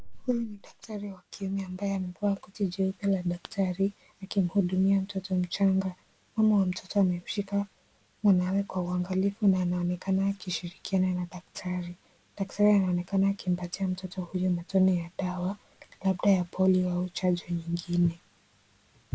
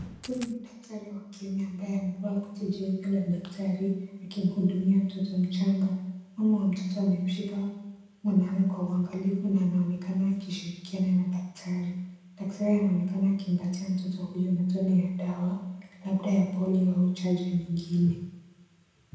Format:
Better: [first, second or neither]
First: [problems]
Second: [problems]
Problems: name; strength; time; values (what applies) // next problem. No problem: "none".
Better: first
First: none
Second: background sound (Coin (dropping)); 18 dB below the speech // room echo; dies away in 0.9 s